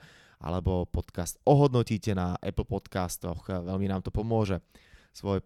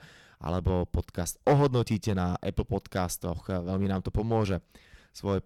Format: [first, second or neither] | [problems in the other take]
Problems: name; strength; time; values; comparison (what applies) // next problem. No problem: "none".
first | distortion; slight; 3% of the sound clipped